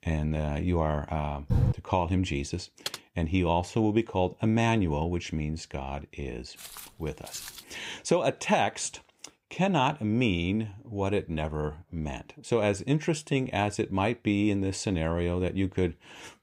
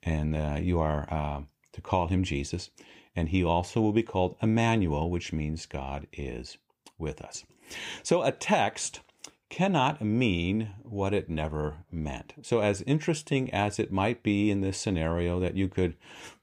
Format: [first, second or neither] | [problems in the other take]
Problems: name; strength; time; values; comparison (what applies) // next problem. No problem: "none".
second | door banging; loud; at 1.5 s; peak 2 dB above the speech // keyboard typing; noticeable; at 3 s; peak 8 dB below the speech // footsteps; faint; from 6.5 to 7.5 s; peak 10 dB below the speech